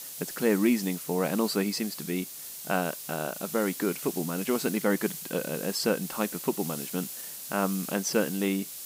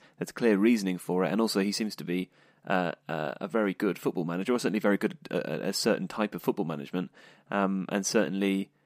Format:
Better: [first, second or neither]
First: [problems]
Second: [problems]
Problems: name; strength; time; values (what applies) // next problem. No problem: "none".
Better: second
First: hiss; loud; throughout; 7 dB below the speech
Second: none